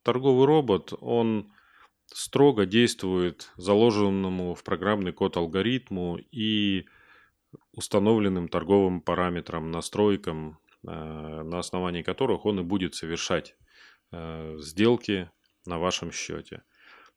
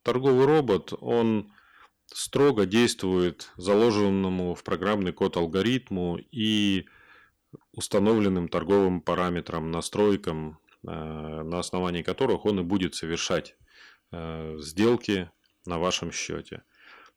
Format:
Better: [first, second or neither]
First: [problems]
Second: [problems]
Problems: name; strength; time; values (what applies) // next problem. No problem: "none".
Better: first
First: none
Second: distortion; slight; 3% of the sound clipped